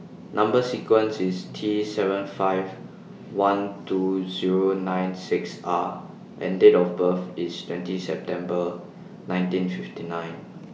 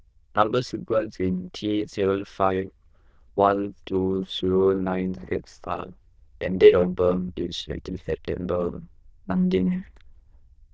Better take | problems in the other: first | noise reduction (neural diffusion model UNIVERSE++)

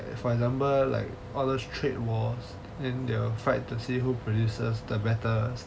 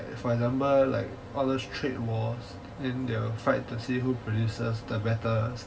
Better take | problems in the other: first | room echo; dies away in 1.8 s

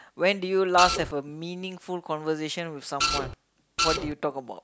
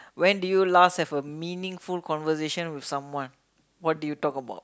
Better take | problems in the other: second | background sound (Printer); 1 dB above the speech

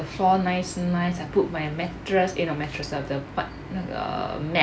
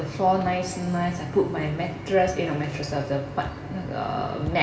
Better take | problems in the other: first | background sound (Walk, footsteps); 18 dB below the speech // room echo; dies away in 2 s

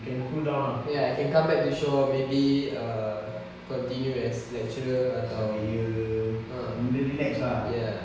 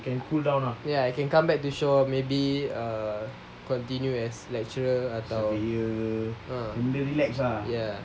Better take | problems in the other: second | room echo; dies away in 1 s

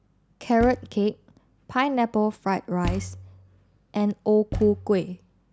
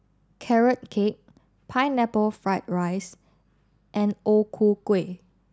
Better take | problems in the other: second | background sound (Thump, thud); 12 dB below the speech

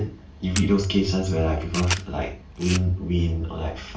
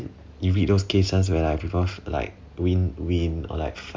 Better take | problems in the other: second | background sound (Camera); 12 dB below the speech // room echo; dies away in 0.3 s

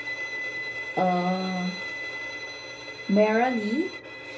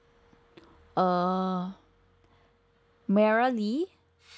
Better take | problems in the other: second | background sound (Bowed string instrument); 7 dB below the speech // room echo; dies away in 0.3 s

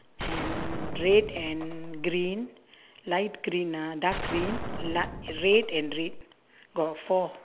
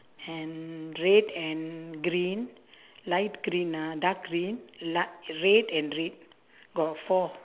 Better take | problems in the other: second | background sound (Gunshot, gunfire); 7 dB below the speech

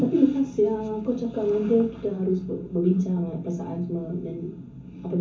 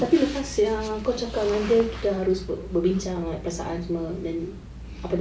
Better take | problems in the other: second | room echo; dies away in 0.3 s

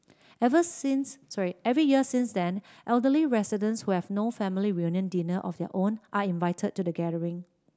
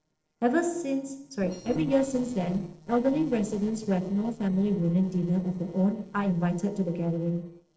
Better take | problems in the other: first | noise reduction (neural separator model SepFormer DNS4)

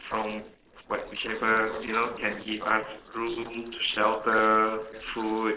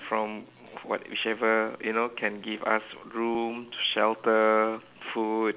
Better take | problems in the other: second | noise reduction (neural separator model SepFormer DNS4)

